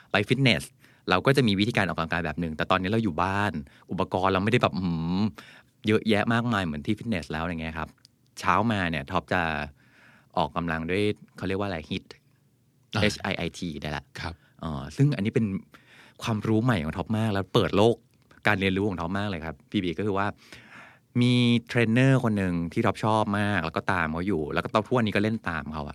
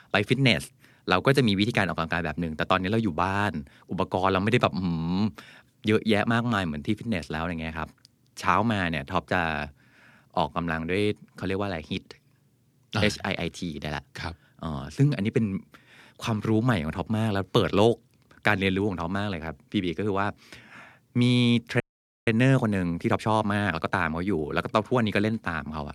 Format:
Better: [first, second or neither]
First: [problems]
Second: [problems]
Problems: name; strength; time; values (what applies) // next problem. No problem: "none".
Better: first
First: none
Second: audio freezing; at 22 s